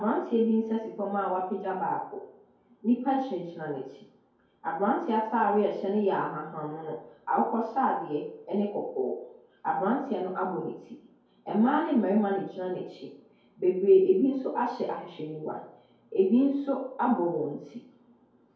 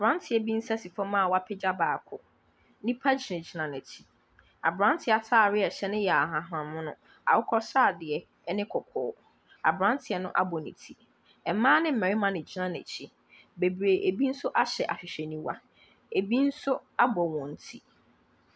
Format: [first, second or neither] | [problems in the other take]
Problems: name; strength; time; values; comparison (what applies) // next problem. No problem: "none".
second | room echo; dies away in 2.3 s